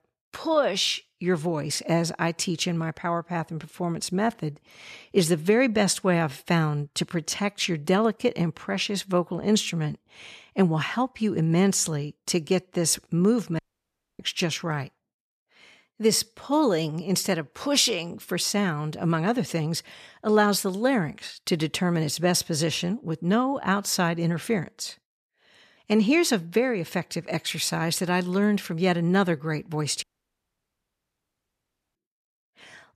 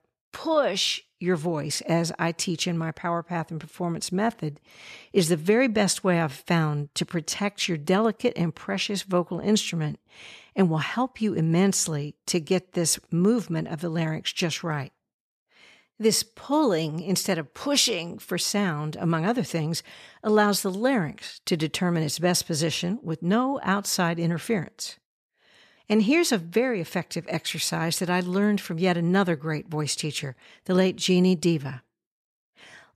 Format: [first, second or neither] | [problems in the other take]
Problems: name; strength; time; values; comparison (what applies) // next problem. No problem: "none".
second | audio cutting out; at 14 s for 0.5 s and at 30 s for 2 s